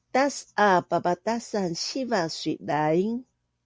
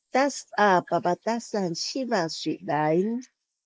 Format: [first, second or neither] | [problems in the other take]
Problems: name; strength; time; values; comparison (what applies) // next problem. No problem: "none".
first | noise reduction (neural mask model Resemble Enhance denoiser)